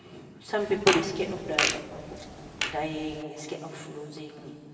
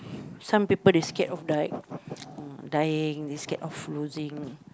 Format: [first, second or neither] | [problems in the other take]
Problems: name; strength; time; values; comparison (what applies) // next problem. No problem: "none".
second | background sound (Fart); as loud as the speech // room echo; dies away in 2.5 s